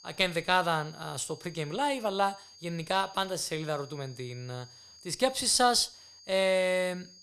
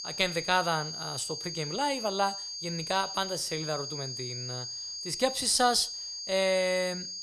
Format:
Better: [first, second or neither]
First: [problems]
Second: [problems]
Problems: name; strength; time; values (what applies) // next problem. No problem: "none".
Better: first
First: high-pitched whine; faint; throughout; 5 kHz, 20 dB below the speech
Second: high-pitched whine; loud; throughout; 5 kHz, 6 dB below the speech